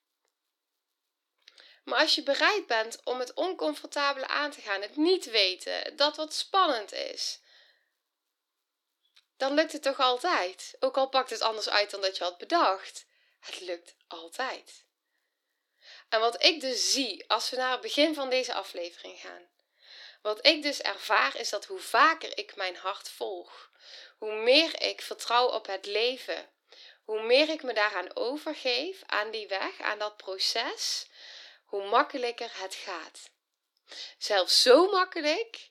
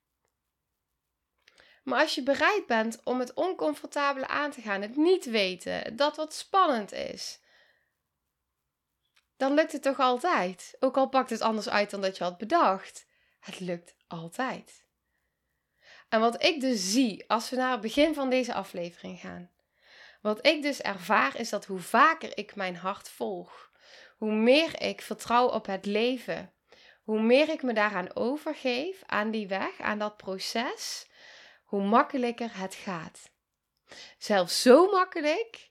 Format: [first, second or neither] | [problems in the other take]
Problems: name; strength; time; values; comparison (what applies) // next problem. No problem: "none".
second | thin; somewhat; fading below 300 Hz